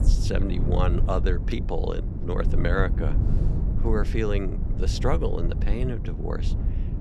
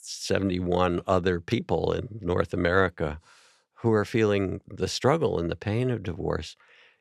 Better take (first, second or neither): second